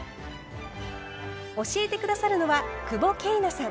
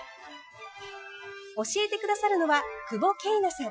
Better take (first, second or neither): first